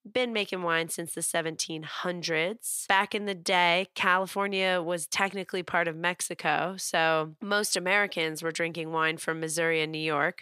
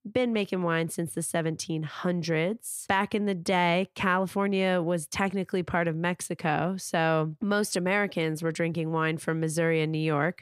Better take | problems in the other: second | thin; somewhat; fading below 750 Hz

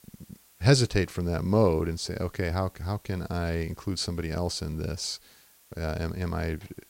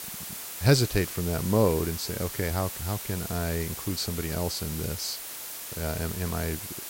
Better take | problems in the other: first | hiss; loud; throughout; 6 dB below the speech; faint in the first

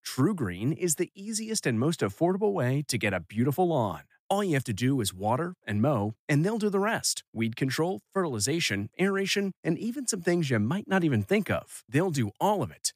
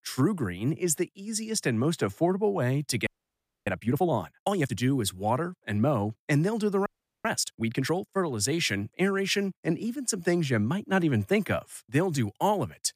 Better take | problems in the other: first | audio freezing; at 3 s for 0.5 s and at 7 s

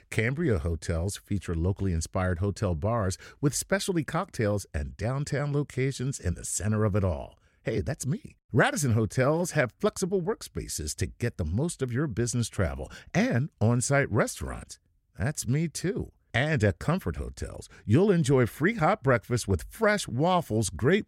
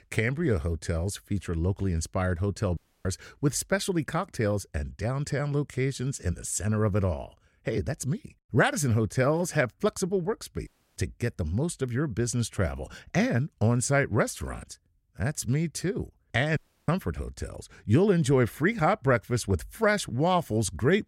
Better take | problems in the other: first | audio cutting out; at 3 s, at 11 s and at 17 s

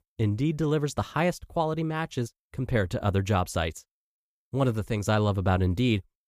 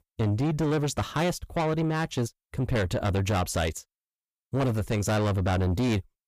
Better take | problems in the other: first | distortion; heavy; 8 dB below the speech

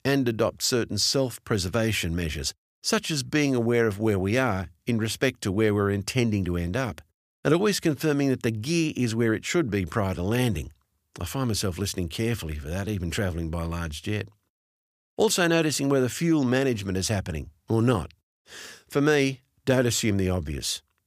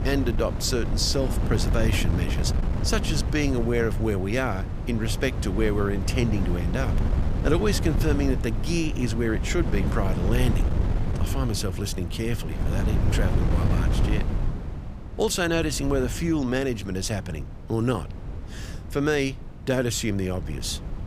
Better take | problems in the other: first | wind noise on the microphone; heavy; 9 dB below the speech

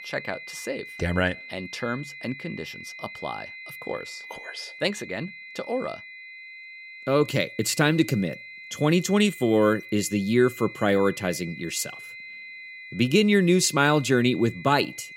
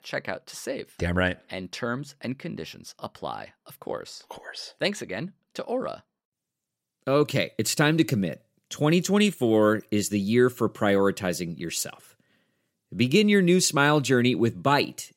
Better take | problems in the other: second | high-pitched whine; noticeable; throughout; 2 kHz, 15 dB below the speech

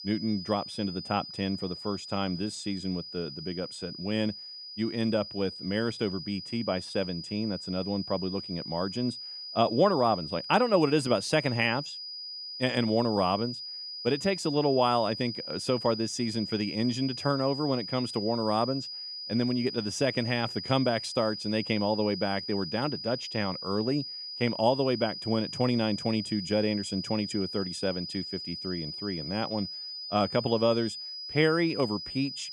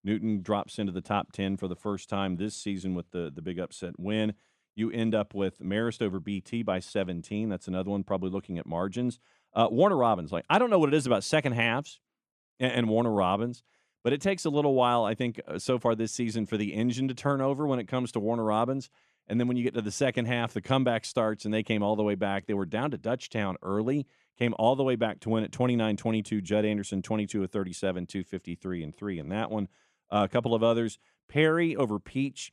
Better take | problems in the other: second | high-pitched whine; loud; throughout; 5 kHz, 7 dB below the speech

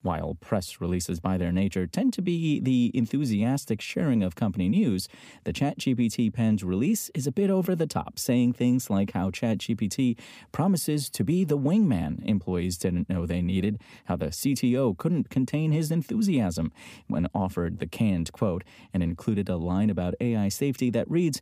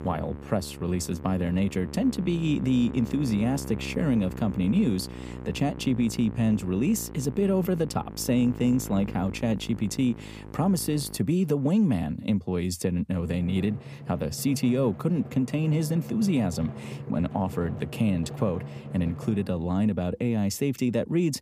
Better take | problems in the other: first | background music; noticeable; throughout; 15 dB below the speech

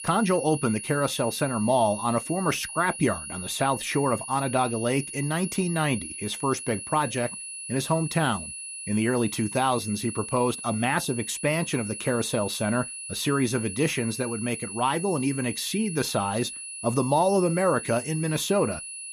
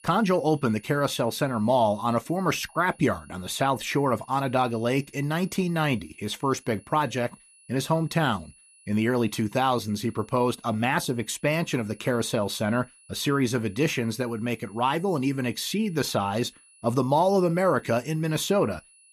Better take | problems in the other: second | high-pitched whine; loud; throughout; 10 kHz, 8 dB below the speech; faint in the second

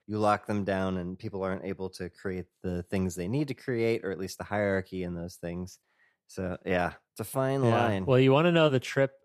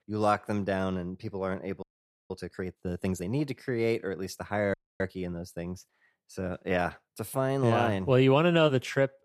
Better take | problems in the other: first | audio freezing; at 2 s and at 4.5 s

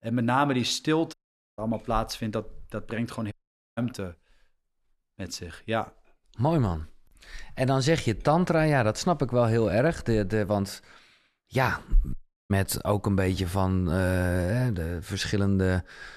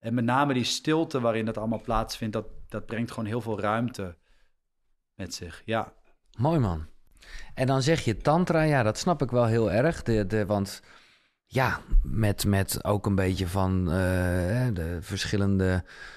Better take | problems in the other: second | audio cutting out; at 1 s, at 3.5 s and at 12 s

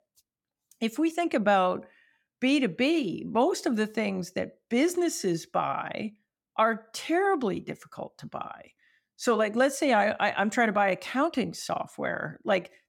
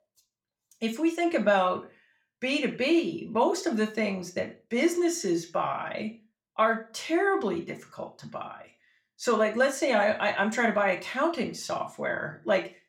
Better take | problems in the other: first | room echo; very slight; dies away in 0.3 s

